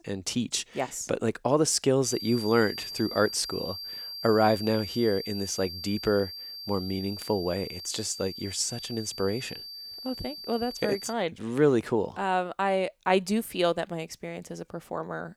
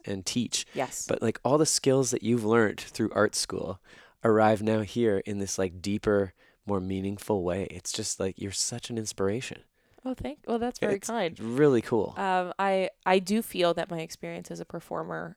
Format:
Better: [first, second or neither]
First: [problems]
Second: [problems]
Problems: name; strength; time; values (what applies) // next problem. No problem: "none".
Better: second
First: high-pitched whine; loud; from 2 to 11 s; 4.5 kHz, 9 dB below the speech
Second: none